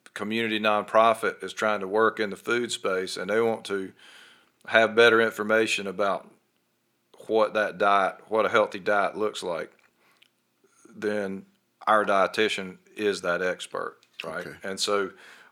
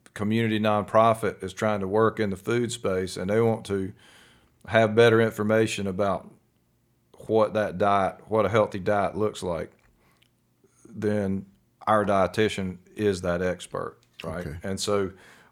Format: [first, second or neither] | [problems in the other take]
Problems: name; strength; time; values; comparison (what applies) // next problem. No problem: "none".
second | thin; somewhat; fading below 250 Hz